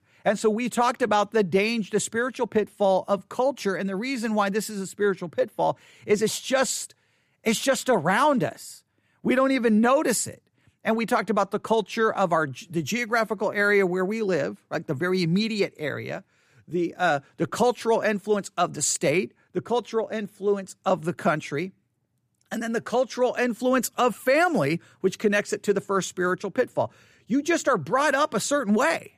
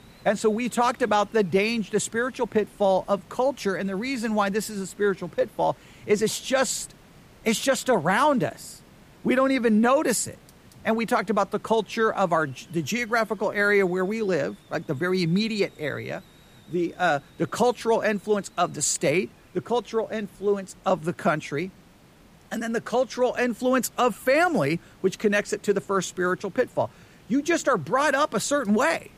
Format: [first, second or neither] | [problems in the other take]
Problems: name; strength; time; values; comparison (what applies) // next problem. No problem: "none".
first | hiss; faint; throughout; 25 dB below the speech